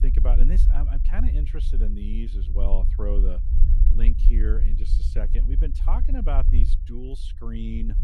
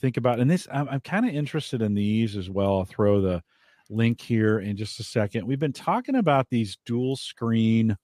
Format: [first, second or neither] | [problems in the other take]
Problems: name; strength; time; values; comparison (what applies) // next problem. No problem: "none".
second | low rumble; loud; throughout; 7 dB below the speech